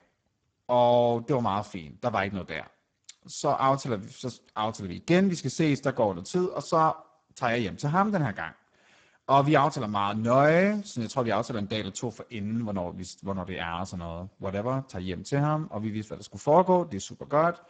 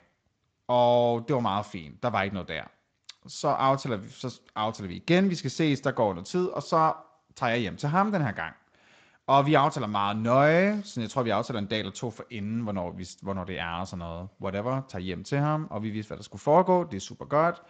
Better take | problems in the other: second | garbled, watery; badly; nothing above 7.5 kHz; slightly in the second

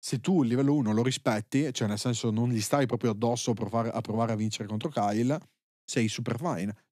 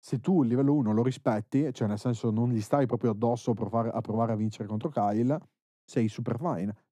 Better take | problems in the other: first | muffled; slightly; fading above 1 kHz

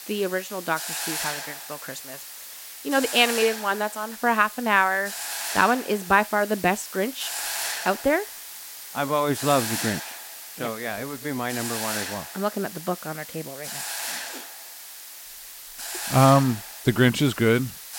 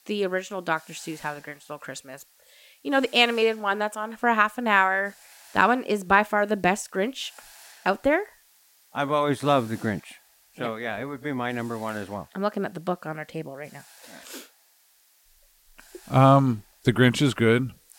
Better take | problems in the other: second | hiss; loud; throughout; 8 dB below the speech; faint in the second

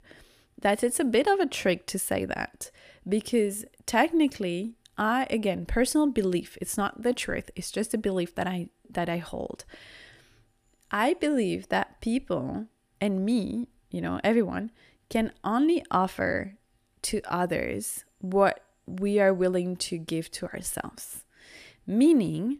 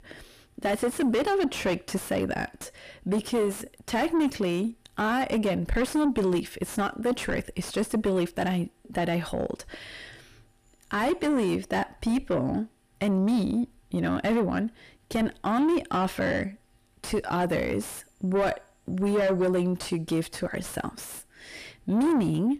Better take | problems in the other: first | distortion; heavy; 7 dB below the speech

